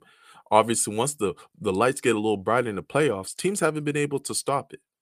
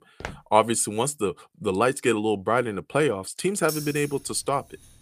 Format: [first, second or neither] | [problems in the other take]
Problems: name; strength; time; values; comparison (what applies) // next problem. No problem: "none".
first | footsteps; faint; at the start; peak 15 dB below the speech // jangling keys; noticeable; from 3.5 s on; peak 9 dB below the speech